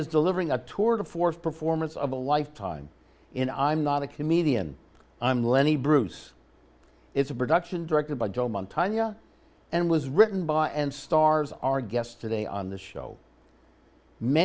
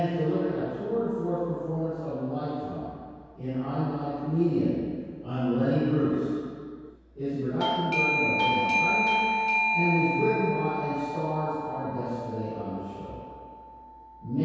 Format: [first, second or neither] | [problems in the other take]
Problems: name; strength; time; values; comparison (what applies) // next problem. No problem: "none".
first | background sound (Doorbell); 3 dB below the speech // room echo; dies away in 2 s